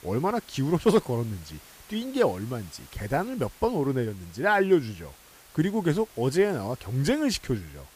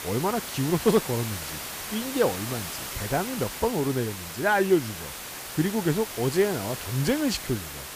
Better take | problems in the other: first | hiss; loud; throughout; 7 dB below the speech; faint in the first

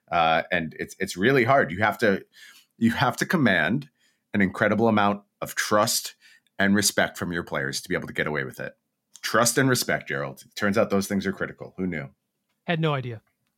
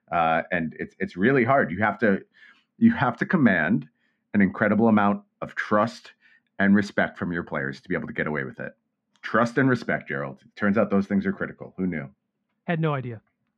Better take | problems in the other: first | muffled; very; fading above 2 kHz

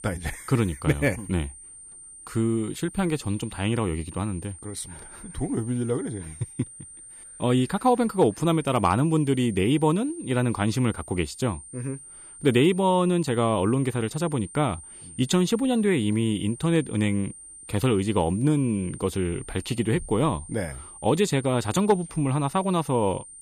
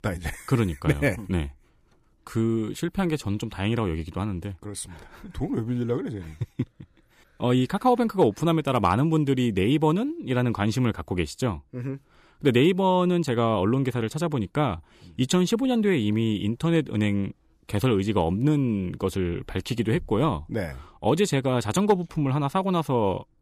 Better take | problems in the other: second | high-pitched whine; noticeable; throughout; 9 kHz, 15 dB below the speech

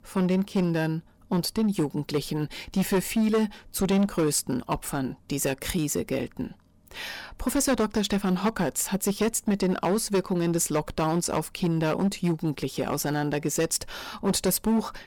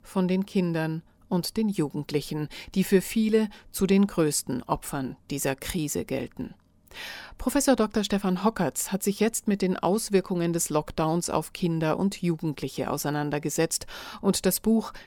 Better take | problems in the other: second | distortion; slight; 8% of the sound clipped

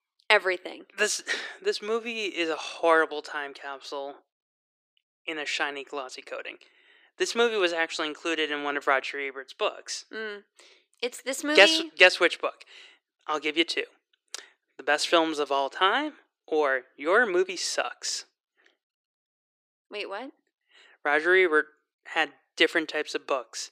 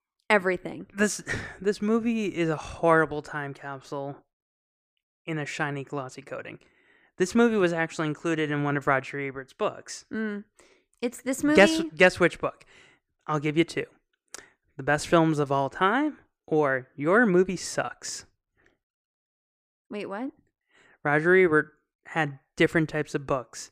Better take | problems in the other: second | thin; somewhat; fading below 350 Hz

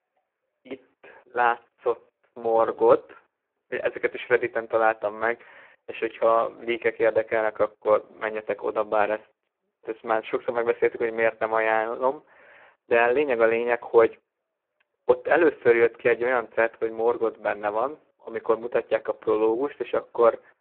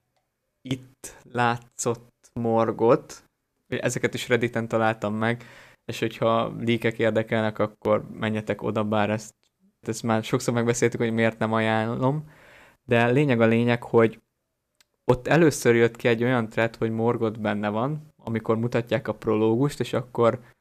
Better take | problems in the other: second | phone-call audio; poor line

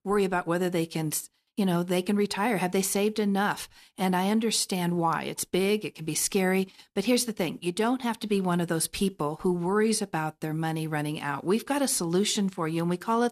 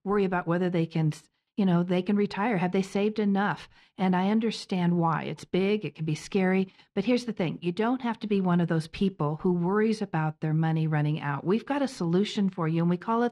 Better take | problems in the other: first | muffled; slightly; fading above 3 kHz

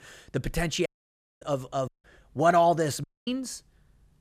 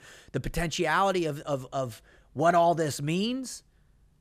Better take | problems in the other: second | audio cutting out; at 1 s for 0.5 s, at 2 s and at 3 s

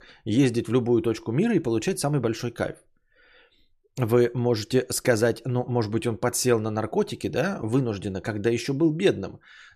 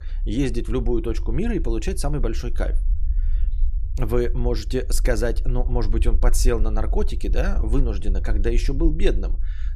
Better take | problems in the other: first | low rumble; faint; throughout; 20 dB below the speech

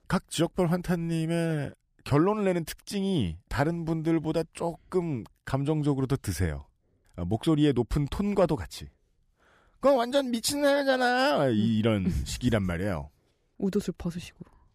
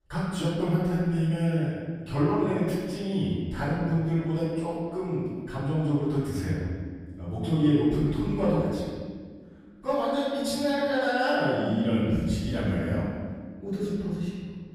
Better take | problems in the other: first | off-mic speech; far // room echo; strong; dies away in 1.7 s

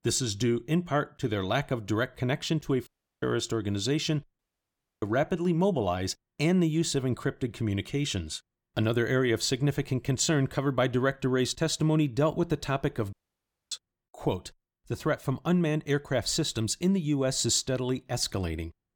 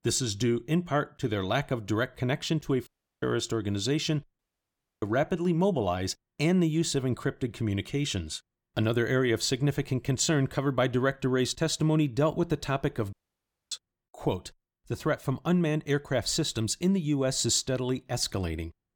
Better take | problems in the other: neither | audio cutting out; at 3 s, at 4.5 s for 0.5 s and at 13 s for 0.5 s; the same in both

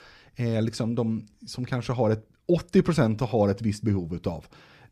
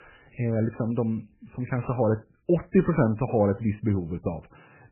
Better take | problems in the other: first | garbled, watery; badly; nothing above 2.5 kHz

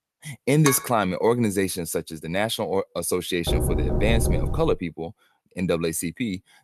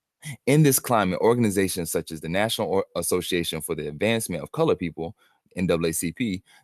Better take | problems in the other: second | clattering dishes; noticeable; at 0.5 s; peak 3 dB below the speech // door banging; loud; from 3.5 to 5 s; peak level with the speech

